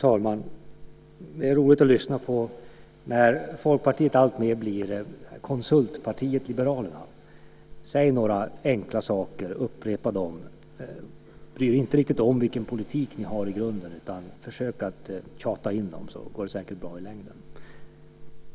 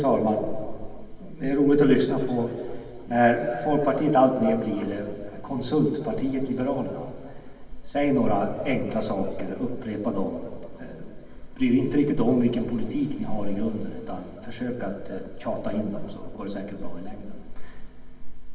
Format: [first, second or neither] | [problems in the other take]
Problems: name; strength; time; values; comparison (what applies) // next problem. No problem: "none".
first | room echo; dies away in 2.3 s